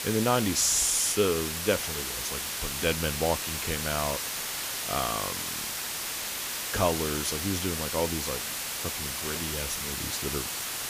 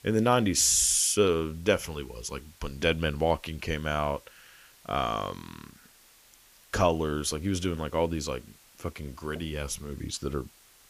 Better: second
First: hiss; loud; throughout; 1 dB below the speech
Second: hiss; faint; throughout; 25 dB below the speech

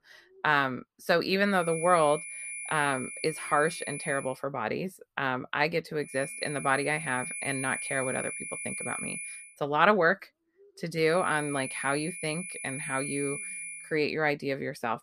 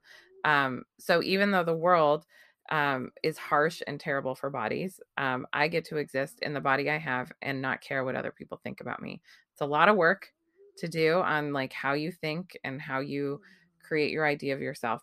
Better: second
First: high-pitched whine; loud; from 1.5 to 4 s, from 6 to 9.5 s and from 11 to 14 s; 2.5 kHz, 7 dB below the speech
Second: none

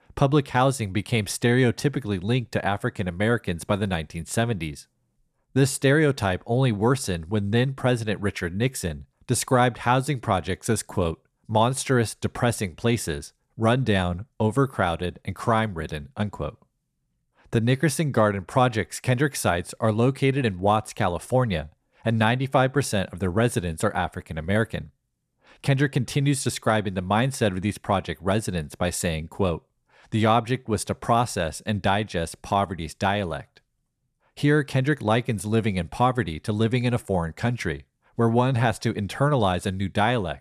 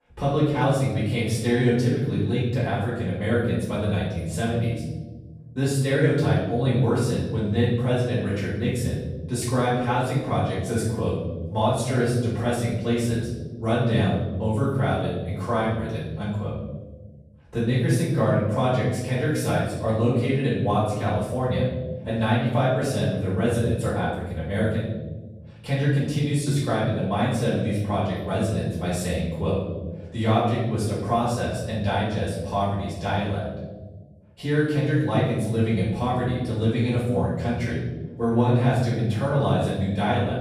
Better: first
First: none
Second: off-mic speech; far // room echo; noticeable; dies away in 1.5 s

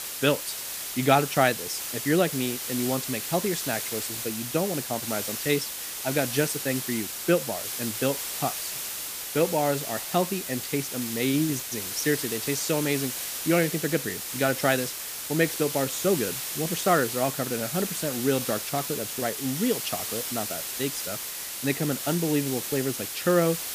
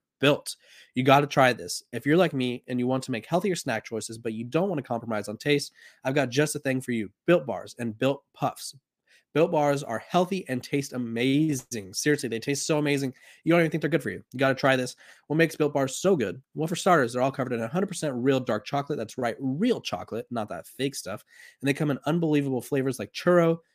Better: second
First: hiss; loud; throughout; 3 dB below the speech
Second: none

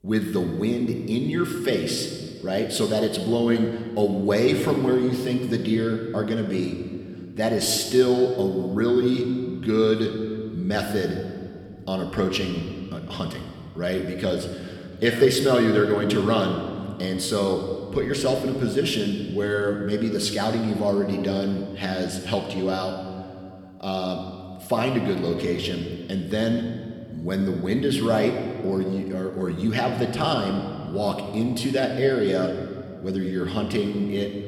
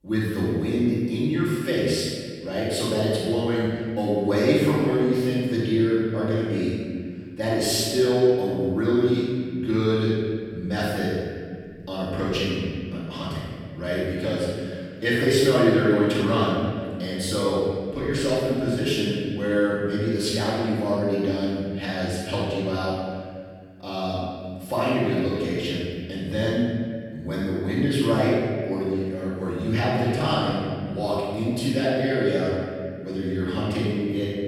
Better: first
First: room echo; slight; dies away in 1.7 s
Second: room echo; strong; dies away in 1.9 s // off-mic speech; far

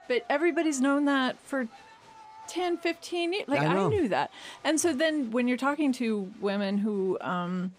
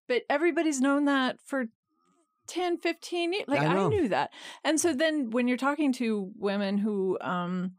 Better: second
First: crowd noise; faint; throughout; 25 dB below the speech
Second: none

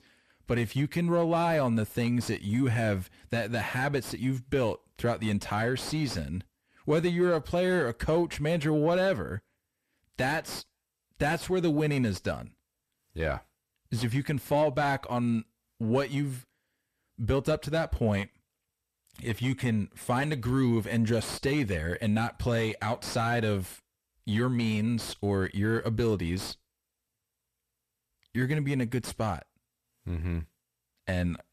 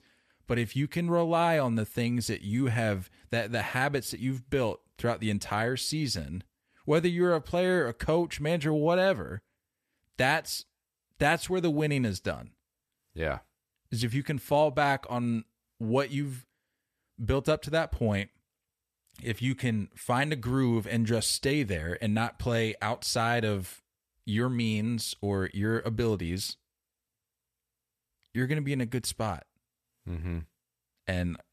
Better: second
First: distortion; slight; 10 dB below the speech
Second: none

